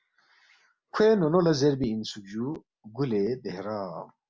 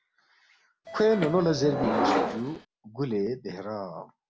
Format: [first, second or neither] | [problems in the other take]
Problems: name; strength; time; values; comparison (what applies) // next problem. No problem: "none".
first | background sound (Subway, metro, underground); as loud as the speech